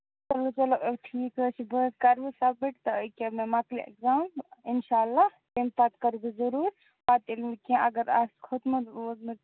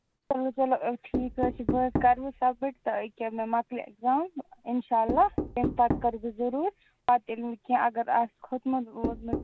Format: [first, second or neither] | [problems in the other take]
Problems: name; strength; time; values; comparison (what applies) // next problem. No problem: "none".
first | background sound (Knock); 8 dB below the speech